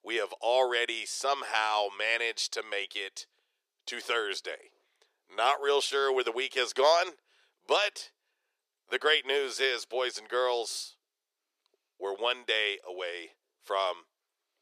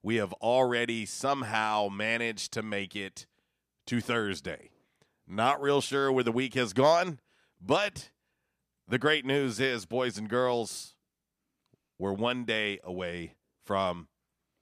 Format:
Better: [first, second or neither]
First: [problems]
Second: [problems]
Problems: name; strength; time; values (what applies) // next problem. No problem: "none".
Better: second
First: thin; very; fading below 400 Hz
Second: none